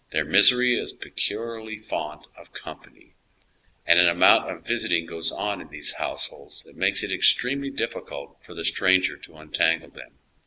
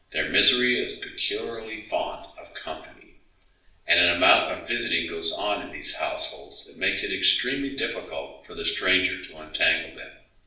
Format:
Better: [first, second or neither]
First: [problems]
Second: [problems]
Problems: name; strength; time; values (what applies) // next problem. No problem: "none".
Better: first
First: none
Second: room echo; dies away in 0.5 s